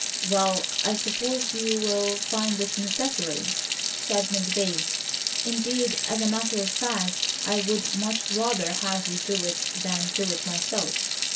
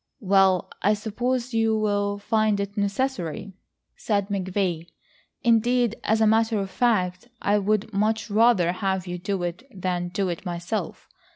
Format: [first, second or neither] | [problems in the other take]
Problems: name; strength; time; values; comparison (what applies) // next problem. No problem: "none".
second | background sound (Sink (filling or washing) / Water tap, faucet); 1 dB above the speech // room echo; dies away in 0.2 s